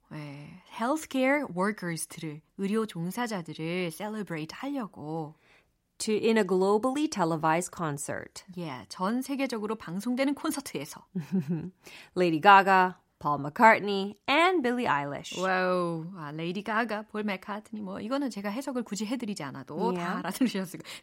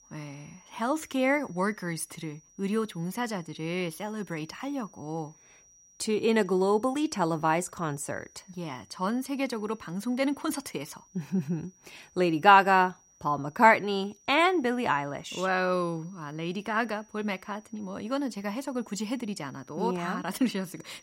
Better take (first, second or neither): first